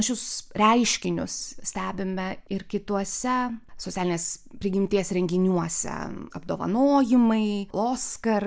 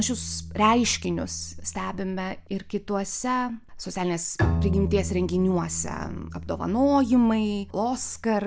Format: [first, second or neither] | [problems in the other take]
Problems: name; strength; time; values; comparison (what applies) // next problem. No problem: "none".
first | background sound (Bowed string instrument); 8 dB below the speech